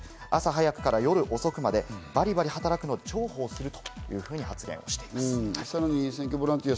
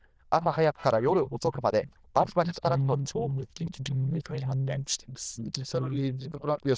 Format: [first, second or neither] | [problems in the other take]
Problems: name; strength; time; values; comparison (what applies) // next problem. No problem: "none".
first | noise reduction (neural diffusion model UNIVERSE++)